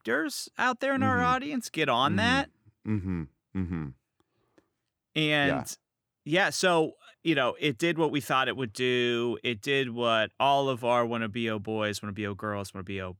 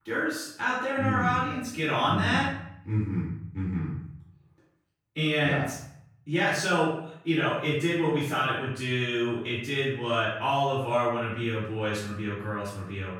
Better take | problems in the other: first | off-mic speech; far // room echo; noticeable; dies away in 0.7 s

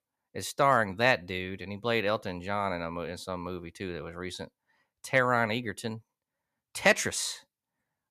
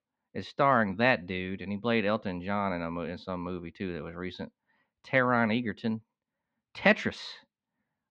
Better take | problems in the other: first | muffled; slightly; fading above 4 kHz

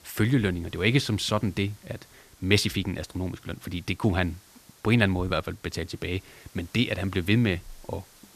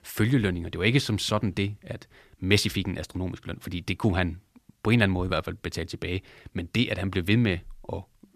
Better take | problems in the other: second | hiss; faint; throughout; 25 dB below the speech

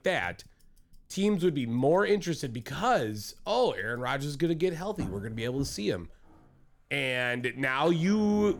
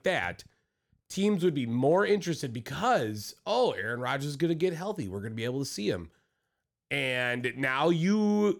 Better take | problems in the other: second | household noises; noticeable; throughout; 15 dB below the speech

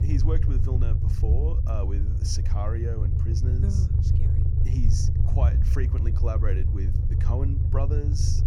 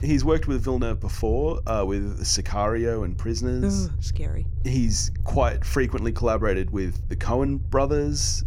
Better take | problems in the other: second | low rumble; loud; throughout; 2 dB below the speech; faint in the second

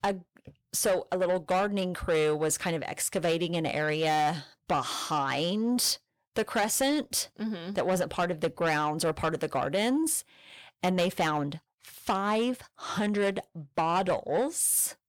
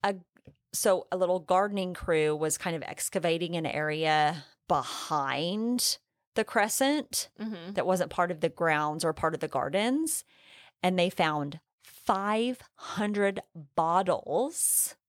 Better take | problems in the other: second | distortion; slight; 10 dB below the speech

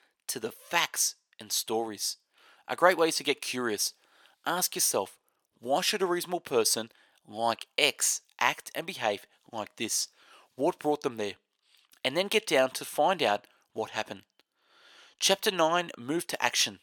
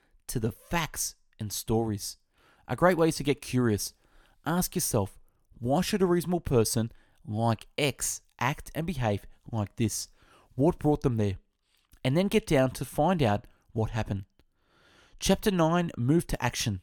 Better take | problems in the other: second | thin; somewhat; fading below 450 Hz

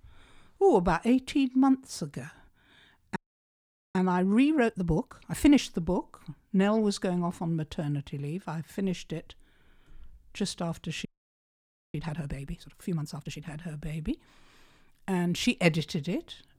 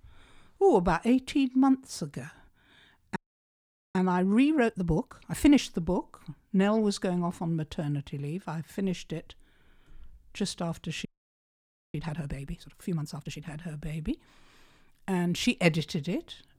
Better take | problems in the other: neither | audio freezing; at 3 s for 1 s and at 11 s for 1 s; the same in both

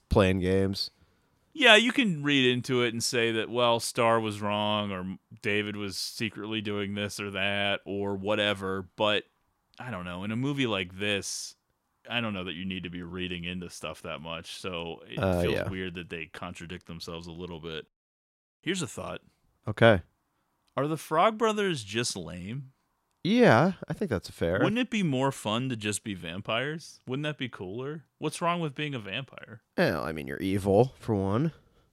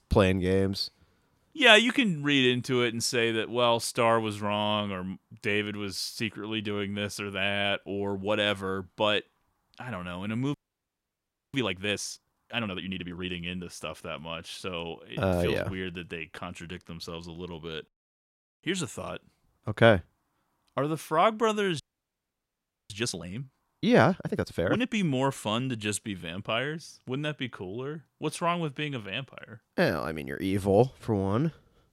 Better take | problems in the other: first | audio freezing; at 11 s for 1 s and at 22 s for 1 s

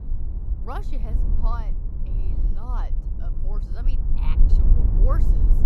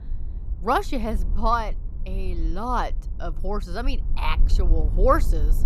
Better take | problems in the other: second | low rumble; loud; throughout; 5 dB below the speech; faint in the second

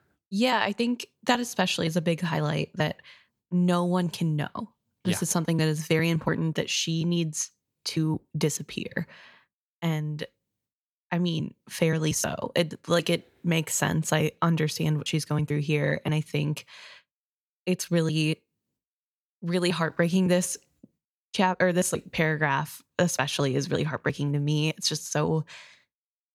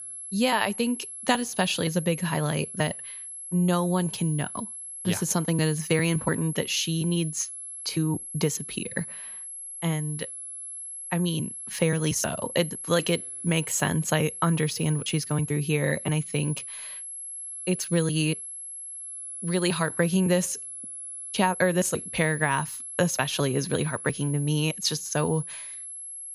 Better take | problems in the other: first | high-pitched whine; loud; throughout; 11 kHz, 8 dB below the speech

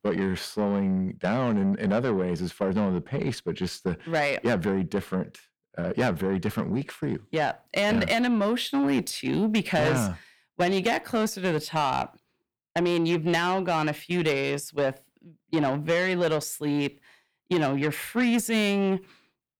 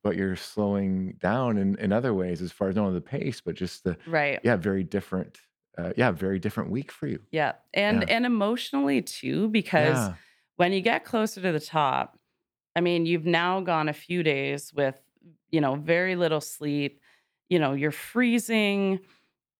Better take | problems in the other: second | distortion; slight; 10 dB below the speech

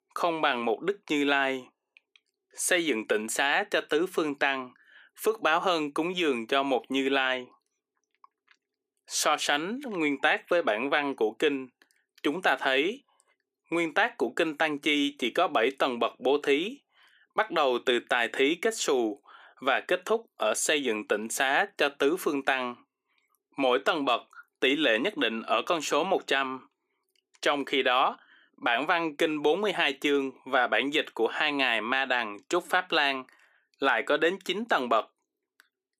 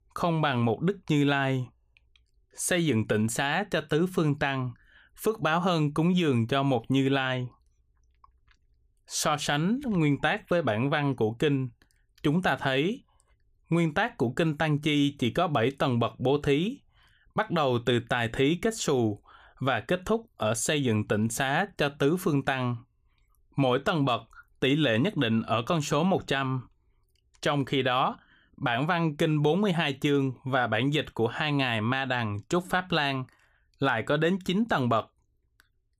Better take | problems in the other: second | thin; somewhat; fading below 300 Hz

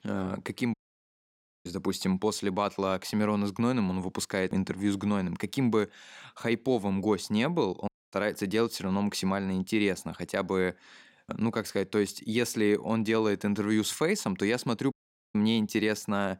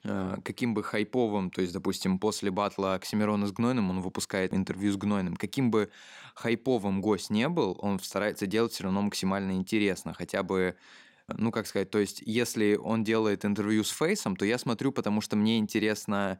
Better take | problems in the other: second | audio cutting out; at 0.5 s for 1 s, at 8 s and at 15 s

